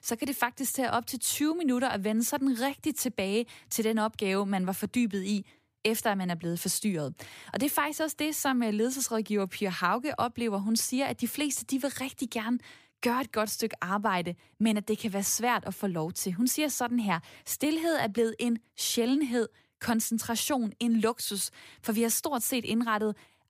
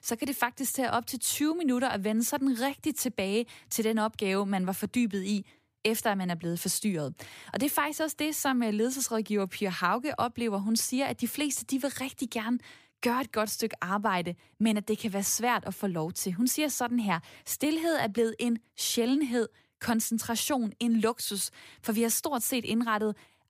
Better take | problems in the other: neither | none

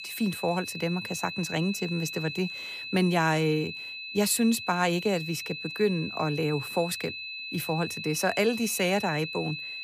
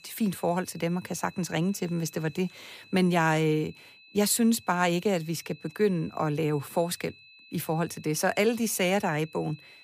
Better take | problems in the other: second | high-pitched whine; loud; throughout; 2.5 kHz, 7 dB below the speech; faint in the second

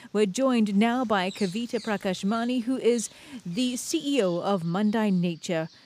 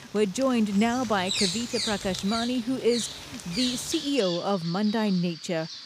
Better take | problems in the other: first | animal sounds; loud; throughout; 5 dB below the speech; faint in the first

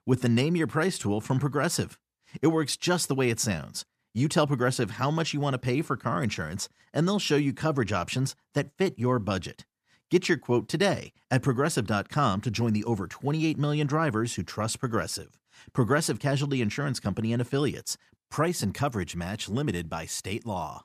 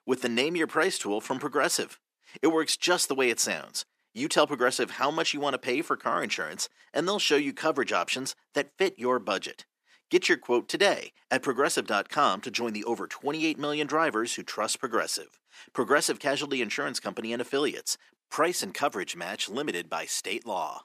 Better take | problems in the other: first | thin; somewhat; fading below 300 Hz

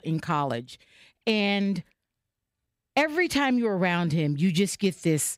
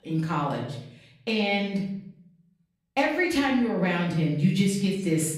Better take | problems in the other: first | off-mic speech; far // room echo; noticeable; dies away in 0.7 s

